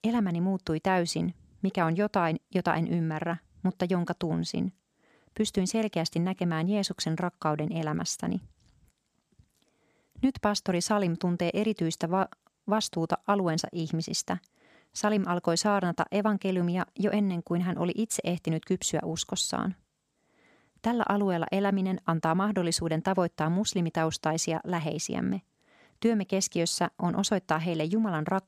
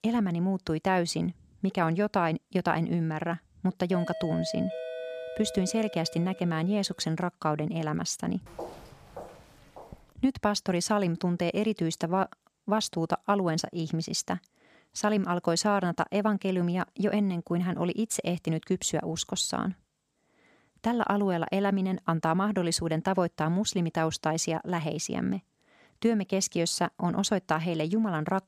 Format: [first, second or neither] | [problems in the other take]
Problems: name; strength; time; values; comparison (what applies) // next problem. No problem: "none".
first | doorbell; noticeable; from 4 to 6.5 s; peak 7 dB below the speech // footsteps; faint; from 8.5 to 10 s; peak 15 dB below the speech